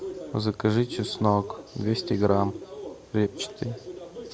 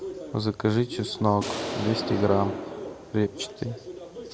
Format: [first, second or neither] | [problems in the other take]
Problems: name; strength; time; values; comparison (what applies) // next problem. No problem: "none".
first | background sound (Explosion); 7 dB below the speech